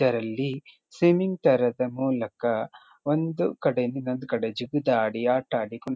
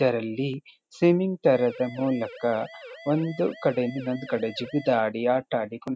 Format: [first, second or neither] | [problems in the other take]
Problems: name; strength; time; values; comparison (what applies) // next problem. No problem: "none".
first | background sound (Siren); 17 dB below the speech